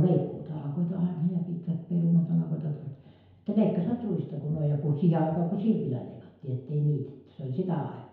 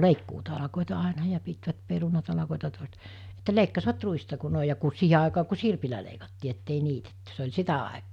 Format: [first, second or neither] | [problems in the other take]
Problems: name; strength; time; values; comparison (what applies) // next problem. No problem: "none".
second | room echo; dies away in 1 s